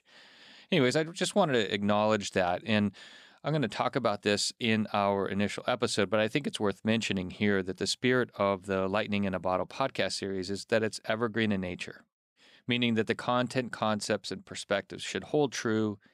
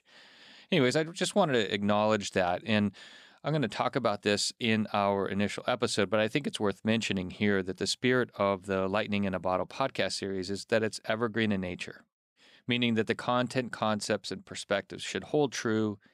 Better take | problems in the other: neither | none

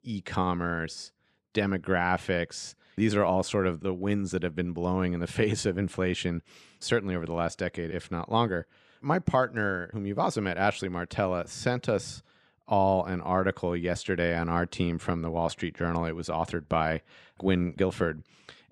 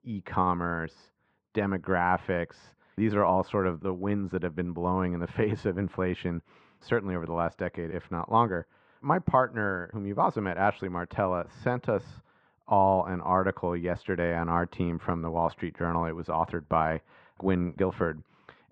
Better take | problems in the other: first | muffled; very; fading above 2 kHz

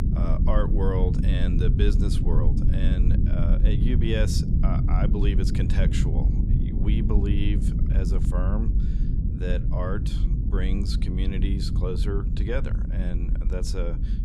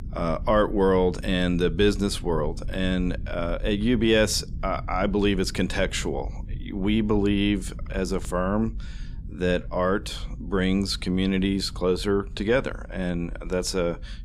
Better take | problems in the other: second | low rumble; loud; throughout; 3 dB below the speech; faint in the second

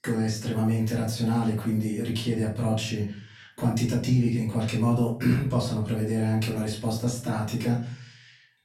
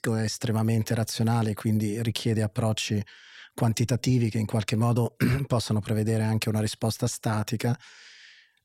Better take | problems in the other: second | room echo; slight; dies away in 0.4 s // off-mic speech; far

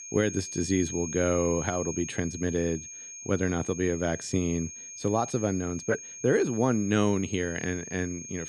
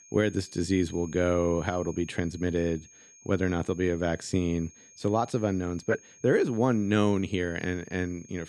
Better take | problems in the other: second | high-pitched whine; loud; throughout; 6.5 kHz, 9 dB below the speech; faint in the second

